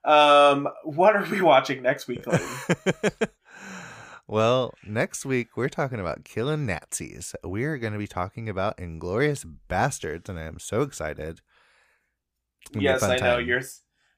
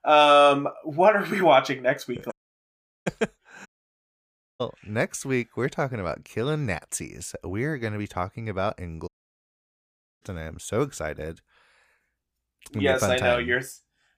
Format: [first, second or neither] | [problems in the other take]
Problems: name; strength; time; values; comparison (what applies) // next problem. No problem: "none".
first | audio cutting out; at 2.5 s for 0.5 s, at 3.5 s for 1 s and at 9 s for 1 s